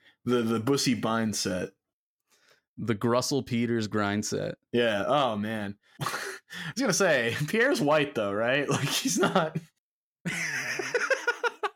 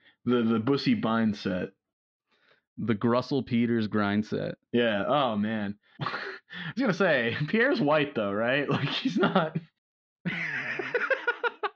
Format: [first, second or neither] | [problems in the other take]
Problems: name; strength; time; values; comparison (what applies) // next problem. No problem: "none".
first | muffled; slightly; fading above 4 kHz